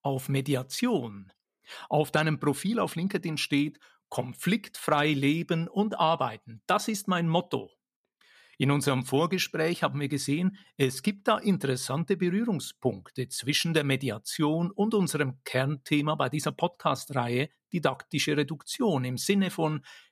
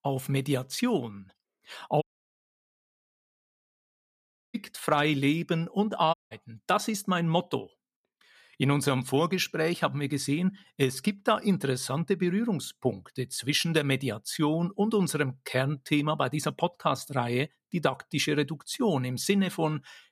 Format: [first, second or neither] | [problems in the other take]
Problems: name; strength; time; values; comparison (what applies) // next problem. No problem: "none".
first | audio cutting out; at 2 s for 2.5 s and at 6 s